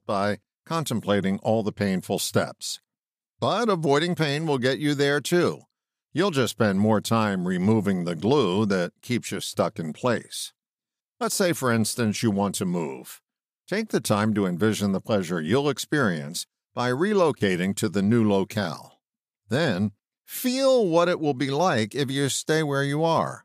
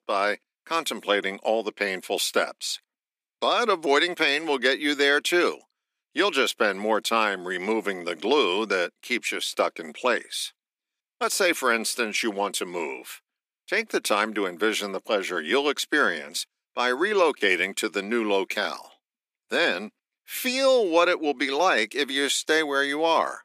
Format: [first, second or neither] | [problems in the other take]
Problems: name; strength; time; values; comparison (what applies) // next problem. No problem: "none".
first | thin; somewhat; fading below 300 Hz